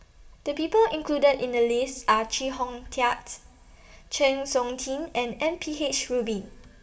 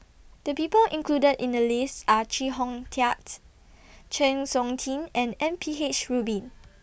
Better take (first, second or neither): second